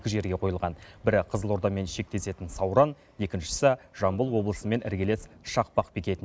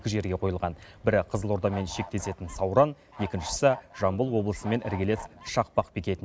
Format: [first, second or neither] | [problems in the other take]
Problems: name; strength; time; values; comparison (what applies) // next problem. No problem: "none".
first | background sound (Bird / Fowl); 14 dB below the speech